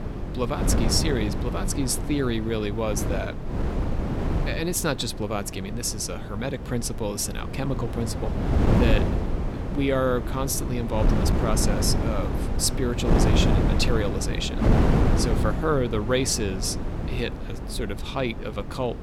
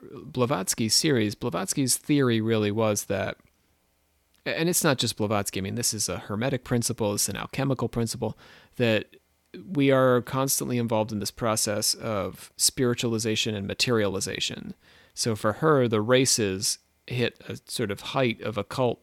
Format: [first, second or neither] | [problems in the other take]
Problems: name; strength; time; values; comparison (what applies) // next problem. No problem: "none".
second | wind noise on the microphone; heavy; 4 dB below the speech